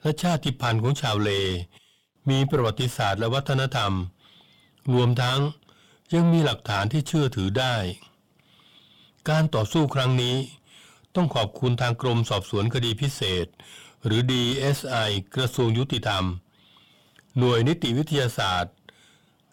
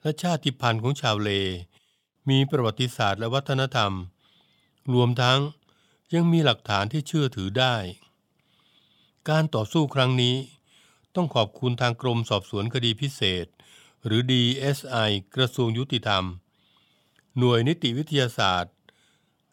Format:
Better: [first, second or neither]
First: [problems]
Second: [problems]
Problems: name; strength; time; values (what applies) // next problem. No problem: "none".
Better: second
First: distortion; heavy; 5 dB below the speech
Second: none